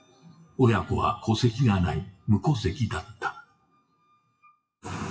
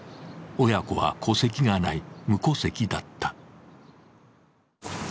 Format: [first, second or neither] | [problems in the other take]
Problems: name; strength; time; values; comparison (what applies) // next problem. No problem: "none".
second | noise reduction (classical method WPE with log-MMSE)